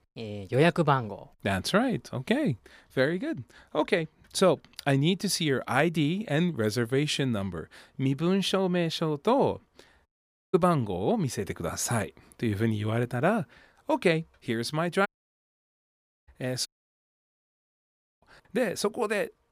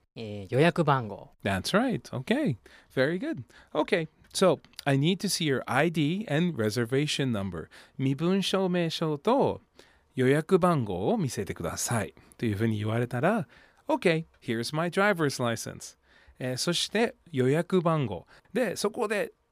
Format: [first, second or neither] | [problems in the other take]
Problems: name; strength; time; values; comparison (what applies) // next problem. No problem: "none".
second | audio cutting out; at 10 s, at 15 s for 1 s and at 17 s for 1.5 s